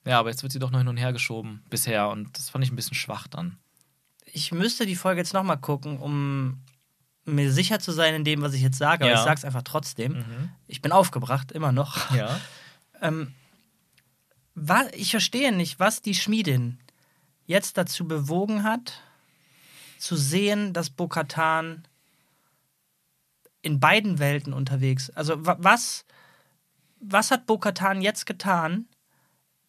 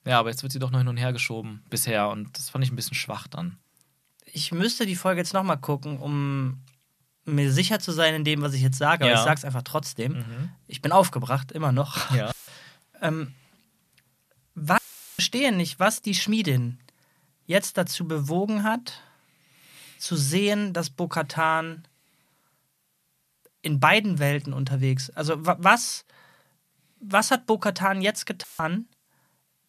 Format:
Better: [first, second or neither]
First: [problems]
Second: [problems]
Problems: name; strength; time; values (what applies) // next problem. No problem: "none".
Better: first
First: none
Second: audio cutting out; filled with static; at 12 s, at 15 s and at 28 s